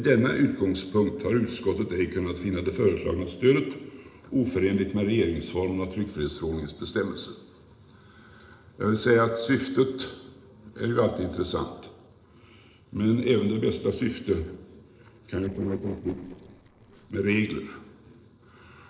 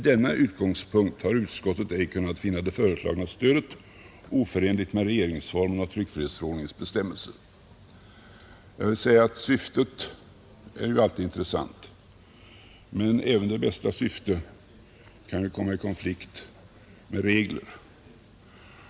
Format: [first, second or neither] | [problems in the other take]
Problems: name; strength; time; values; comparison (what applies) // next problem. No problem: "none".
second | noise reduction (neural separator model SepFormer DNS4)